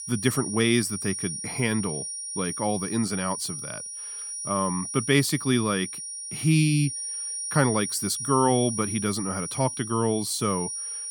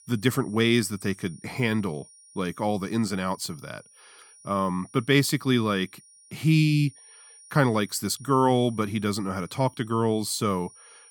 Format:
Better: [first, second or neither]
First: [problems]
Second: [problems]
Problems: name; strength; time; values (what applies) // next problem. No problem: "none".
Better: second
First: high-pitched whine; loud; throughout; 9.5 kHz, 5 dB below the speech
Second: high-pitched whine; faint; throughout; 9.5 kHz, 25 dB below the speech